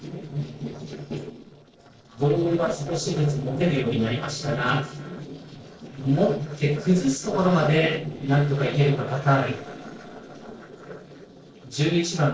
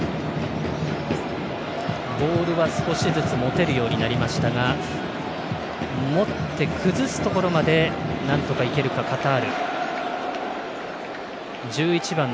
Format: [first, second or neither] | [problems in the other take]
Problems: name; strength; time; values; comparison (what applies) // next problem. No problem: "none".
second | noise reduction (neural separator model SepFormer DNS4)